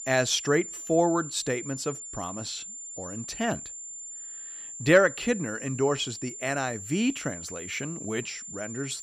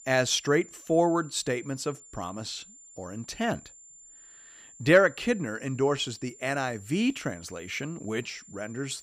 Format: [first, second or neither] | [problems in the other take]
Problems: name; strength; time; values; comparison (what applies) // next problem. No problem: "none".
second | high-pitched whine; loud; throughout; 7 kHz, 9 dB below the speech; faint in the second